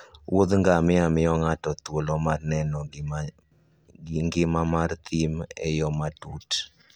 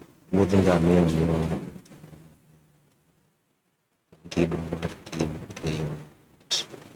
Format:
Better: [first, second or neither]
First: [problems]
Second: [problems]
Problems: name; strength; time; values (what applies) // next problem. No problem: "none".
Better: first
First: none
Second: noise reduction (neural mask model RNNoise)